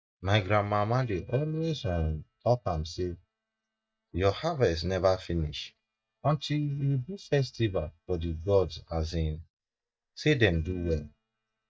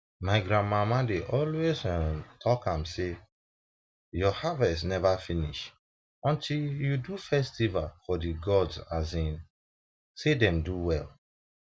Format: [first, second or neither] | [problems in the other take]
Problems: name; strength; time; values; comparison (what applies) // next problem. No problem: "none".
second | noise reduction (neural mask model DeepFilterNet 3)